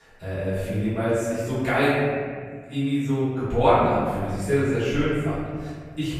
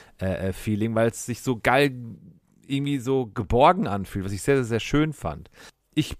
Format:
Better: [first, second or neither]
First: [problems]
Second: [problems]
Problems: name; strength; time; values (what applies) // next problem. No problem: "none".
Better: second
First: room echo; strong; dies away in 1.8 s // off-mic speech; far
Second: none